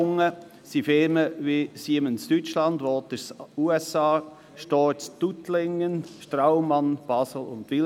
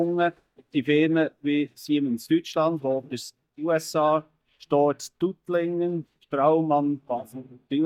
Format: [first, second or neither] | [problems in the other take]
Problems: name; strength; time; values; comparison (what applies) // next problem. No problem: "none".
first | noise reduction (neural mask model DeepFilterNet 3)